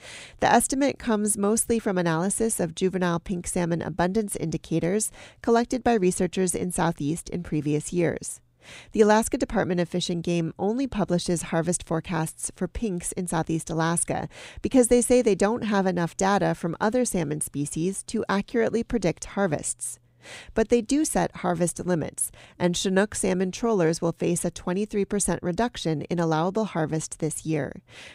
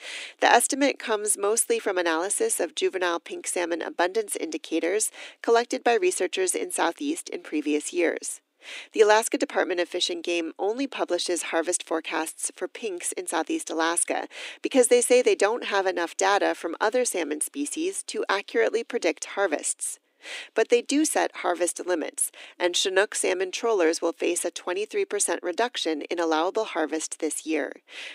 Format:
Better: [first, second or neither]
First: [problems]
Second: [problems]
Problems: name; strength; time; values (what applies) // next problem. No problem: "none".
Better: first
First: none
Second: thin; somewhat; fading below 300 Hz